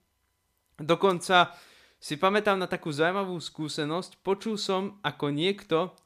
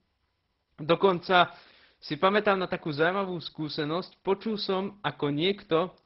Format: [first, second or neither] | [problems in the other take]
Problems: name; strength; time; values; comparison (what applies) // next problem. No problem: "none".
first | garbled, watery; badly; nothing above 5.5 kHz